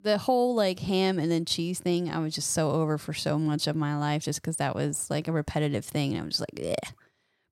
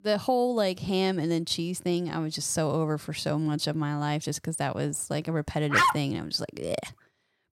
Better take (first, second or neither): first